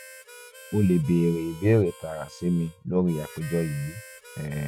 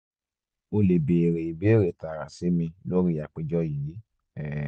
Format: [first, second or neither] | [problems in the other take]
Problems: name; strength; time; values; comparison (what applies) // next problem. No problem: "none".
second | background sound (Harmonica); 20 dB below the speech